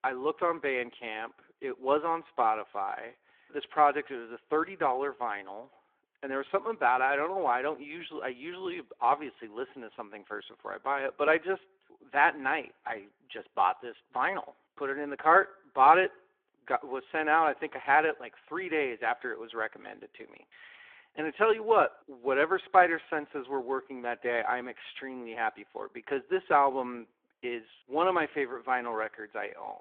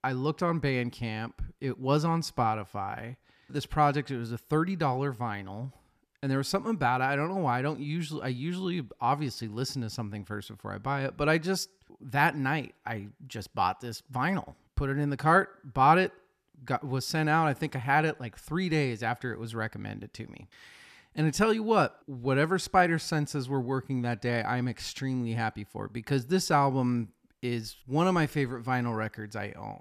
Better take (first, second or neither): second